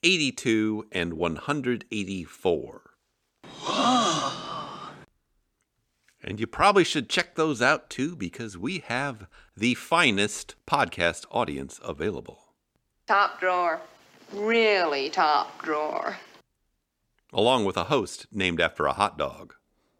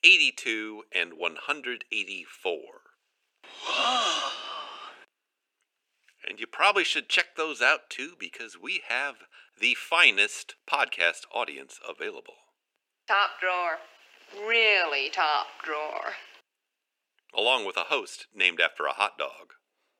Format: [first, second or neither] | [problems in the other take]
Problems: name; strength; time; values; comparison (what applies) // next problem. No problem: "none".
first | thin; very; fading below 400 Hz